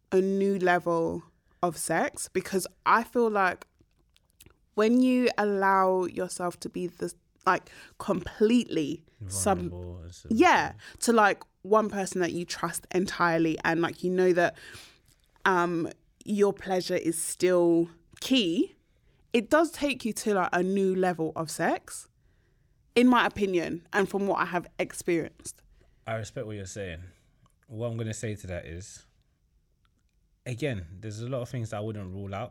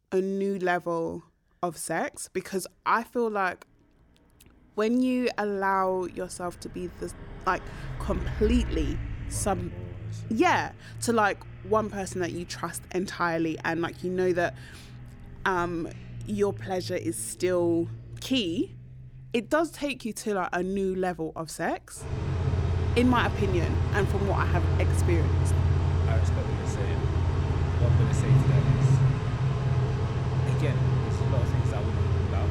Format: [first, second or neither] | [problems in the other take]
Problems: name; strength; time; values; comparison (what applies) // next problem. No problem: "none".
first | traffic noise; very loud; throughout; 2 dB above the speech